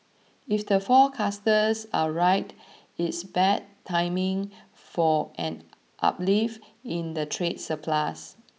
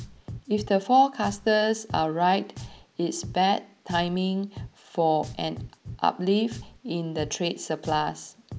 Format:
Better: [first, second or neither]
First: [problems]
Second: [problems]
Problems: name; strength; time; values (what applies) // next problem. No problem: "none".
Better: first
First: none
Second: background sound (Drum); 16 dB below the speech